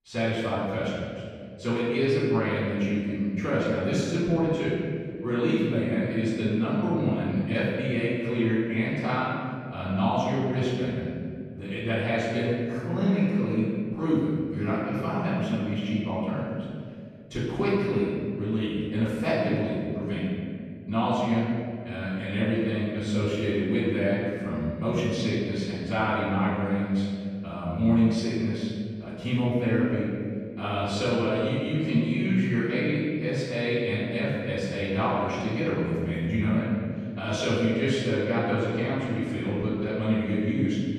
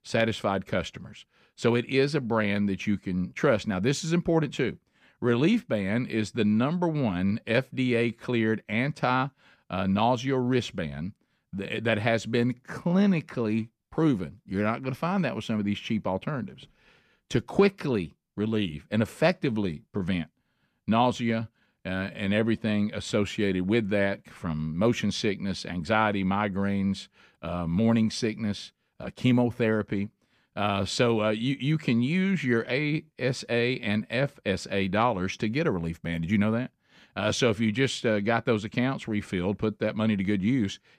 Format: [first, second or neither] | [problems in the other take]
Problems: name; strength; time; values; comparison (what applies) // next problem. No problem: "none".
second | off-mic speech; far // room echo; strong; dies away in 2.1 s